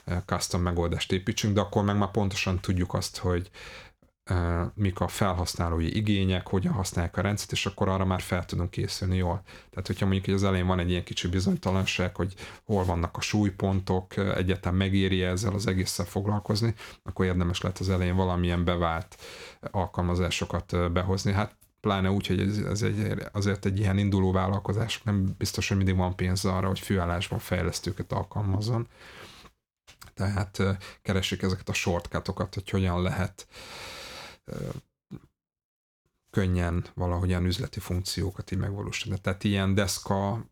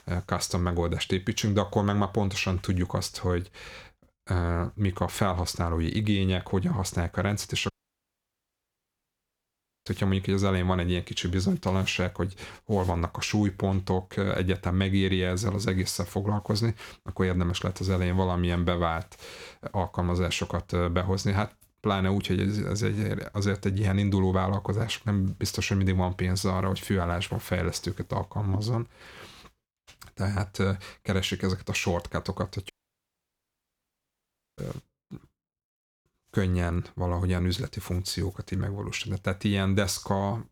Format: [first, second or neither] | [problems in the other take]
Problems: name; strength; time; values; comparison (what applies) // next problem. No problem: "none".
first | audio cutting out; at 7.5 s for 2 s and at 33 s for 2 s